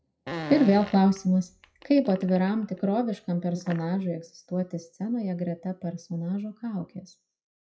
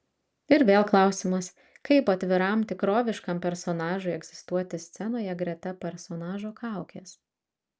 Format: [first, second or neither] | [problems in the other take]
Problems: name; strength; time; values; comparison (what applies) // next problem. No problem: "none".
second | noise reduction (classical method WPE with log-MMSE)